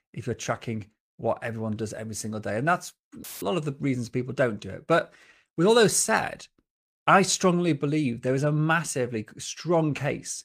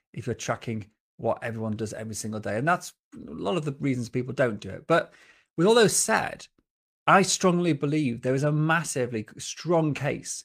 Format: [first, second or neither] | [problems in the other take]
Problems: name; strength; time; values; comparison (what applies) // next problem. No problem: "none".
second | audio cutting out; filled with static; at 3 s